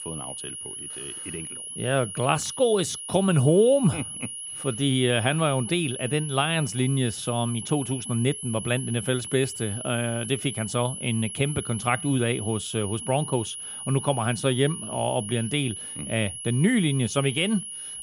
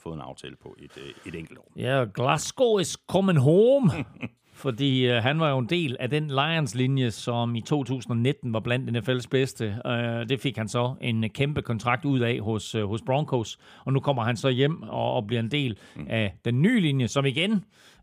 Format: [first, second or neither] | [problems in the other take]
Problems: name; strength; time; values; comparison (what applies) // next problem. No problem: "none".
second | high-pitched whine; loud; throughout; 10.5 kHz, 8 dB below the speech